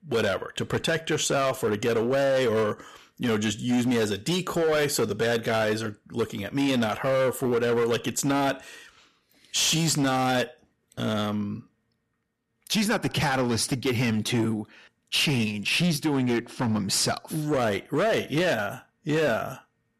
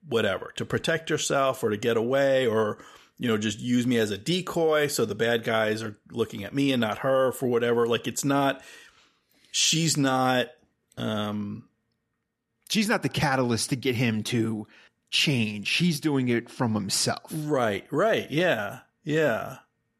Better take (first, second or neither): second